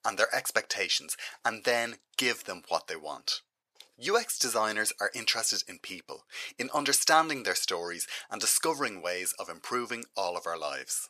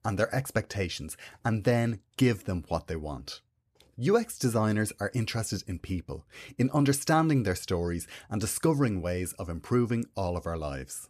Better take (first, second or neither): second